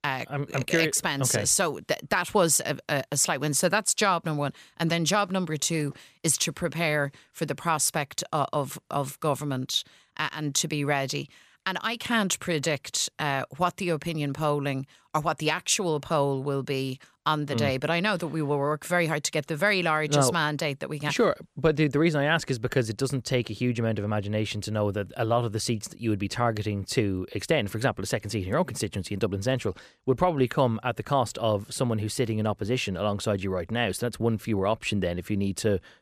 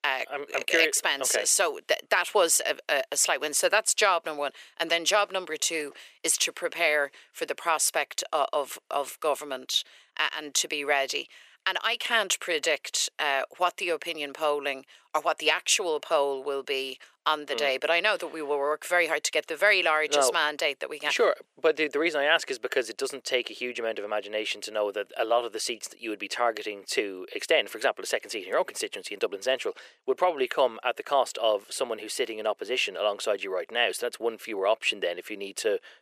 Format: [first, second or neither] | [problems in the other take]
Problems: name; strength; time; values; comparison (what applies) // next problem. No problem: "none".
first | thin; very; fading below 400 Hz